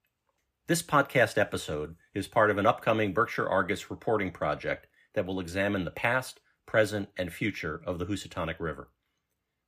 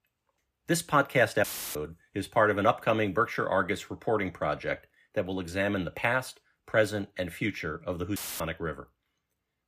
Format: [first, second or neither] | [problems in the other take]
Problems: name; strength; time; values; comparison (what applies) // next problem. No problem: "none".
first | audio cutting out; filled with static; at 1.5 s and at 8 s